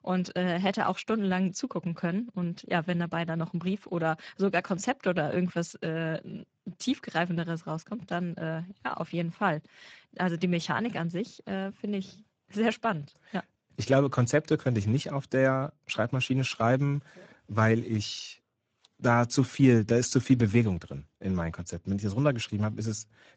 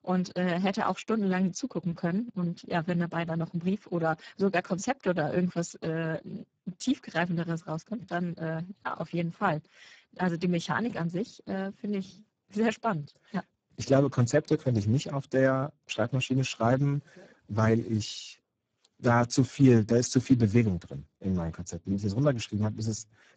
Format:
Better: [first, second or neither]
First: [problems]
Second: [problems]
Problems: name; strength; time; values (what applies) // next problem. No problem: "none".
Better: first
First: garbled, watery; slightly; nothing above 7.5 kHz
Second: garbled, watery; badly; nothing above 7.5 kHz